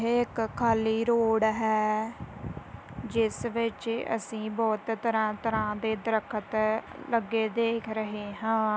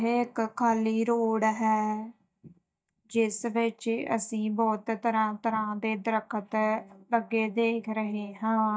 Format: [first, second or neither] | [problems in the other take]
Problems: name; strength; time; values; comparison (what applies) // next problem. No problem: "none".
first | noise reduction (neural mask model DeepFilterNet 3)